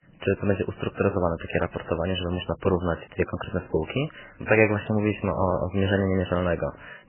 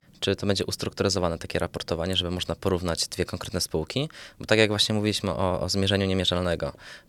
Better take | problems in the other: second | garbled, watery; badly; nothing above 3 kHz

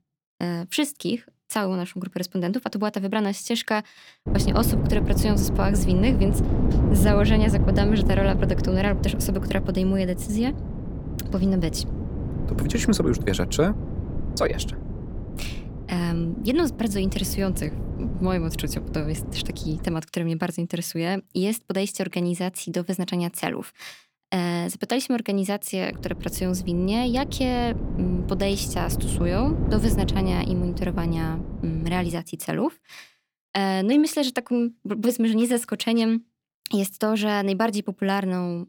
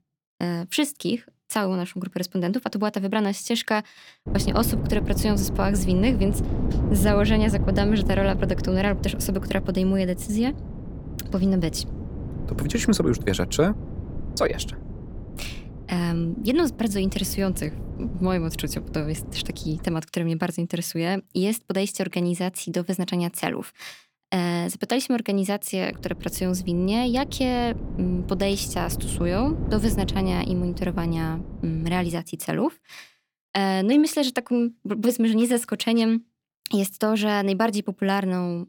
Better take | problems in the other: second | wind noise on the microphone; heavy; from 4.5 to 20 s and from 26 to 32 s; 8 dB below the speech; occasional gusts in the second

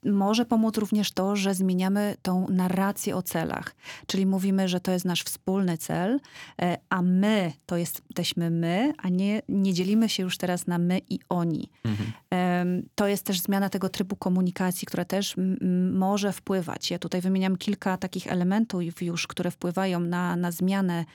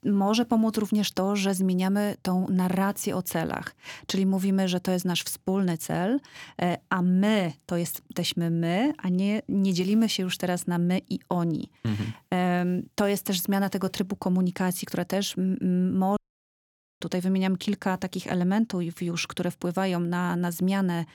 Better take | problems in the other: first | audio cutting out; at 16 s for 1 s

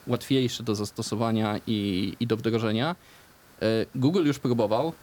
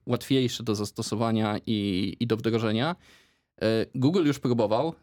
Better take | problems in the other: second | hiss; faint; throughout; 25 dB below the speech

